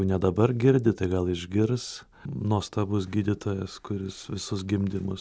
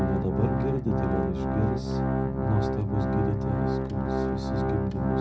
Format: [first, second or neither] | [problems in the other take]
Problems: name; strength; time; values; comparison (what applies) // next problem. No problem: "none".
first | background sound (Organ); 3 dB above the speech // room echo; dies away in 0.3 s